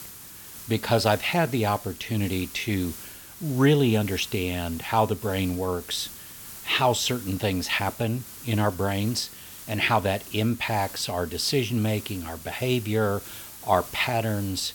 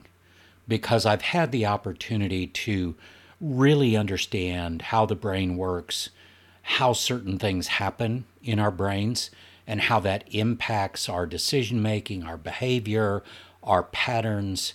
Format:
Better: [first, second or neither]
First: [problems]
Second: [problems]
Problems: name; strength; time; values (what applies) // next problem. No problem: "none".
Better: second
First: hiss; noticeable; throughout; 15 dB below the speech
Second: none